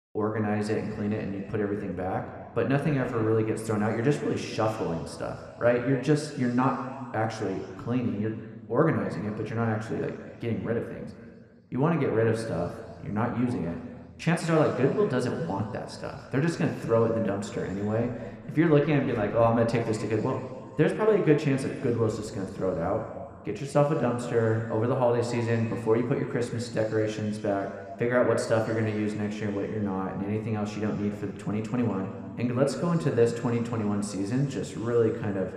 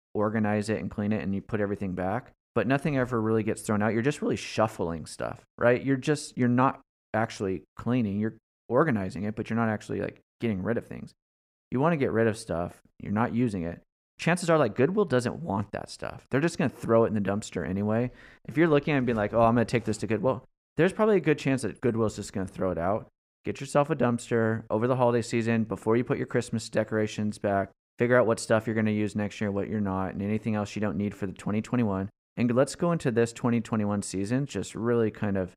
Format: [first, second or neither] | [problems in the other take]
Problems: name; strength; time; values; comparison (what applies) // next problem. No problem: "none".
second | room echo; slight; dies away in 2 s